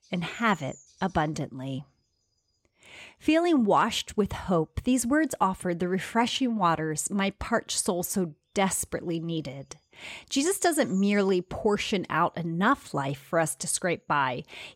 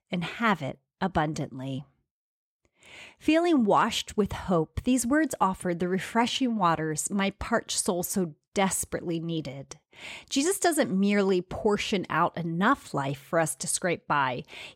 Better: second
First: animal sounds; faint; throughout; 25 dB below the speech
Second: none

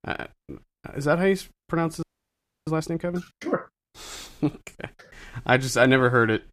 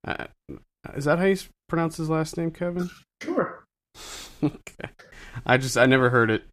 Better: second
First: audio freezing; at 2 s for 0.5 s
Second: none

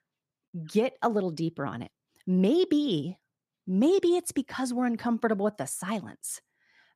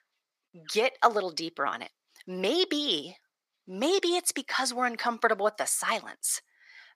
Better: first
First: none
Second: thin; very; fading below 600 Hz

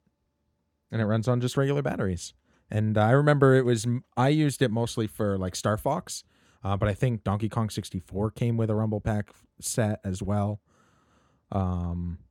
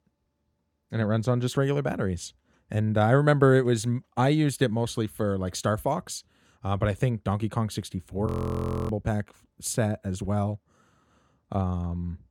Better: first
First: none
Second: audio freezing; at 8.5 s for 0.5 s

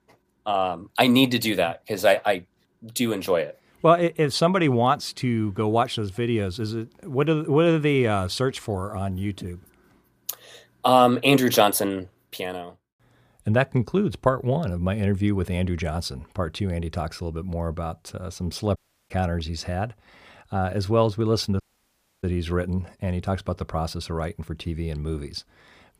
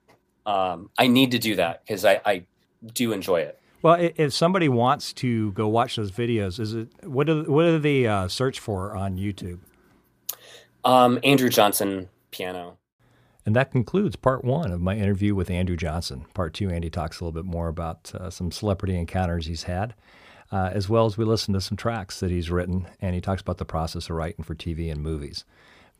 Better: second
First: audio cutting out; at 19 s and at 22 s for 0.5 s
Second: none

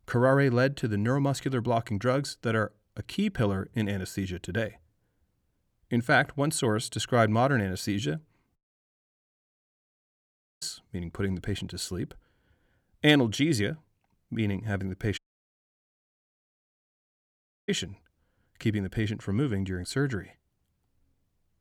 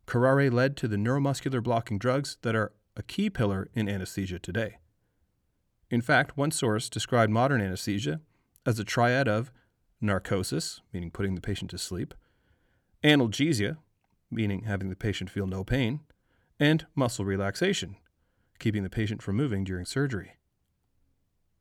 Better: second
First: audio cutting out; at 8.5 s for 2 s and at 15 s for 2.5 s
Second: none

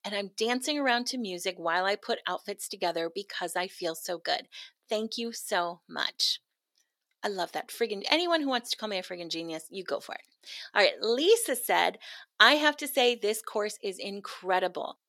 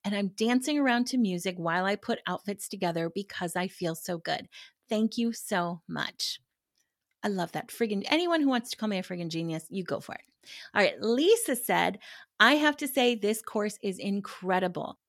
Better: second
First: thin; somewhat; fading below 450 Hz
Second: none

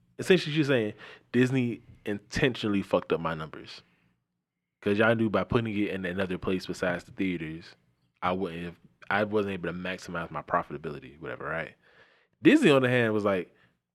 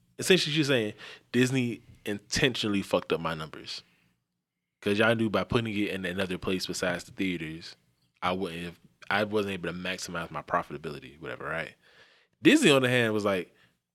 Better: second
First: muffled; slightly; fading above 3 kHz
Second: none

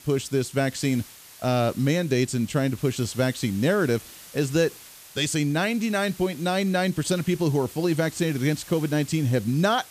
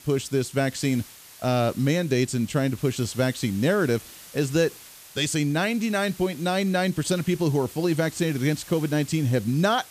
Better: neither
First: hiss; noticeable; throughout; 20 dB below the speech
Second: hiss; noticeable; throughout; 20 dB below the speech

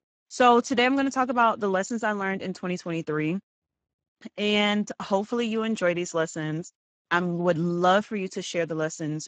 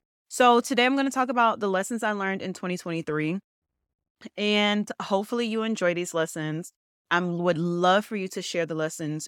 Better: second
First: garbled, watery; badly; nothing above 7.5 kHz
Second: none

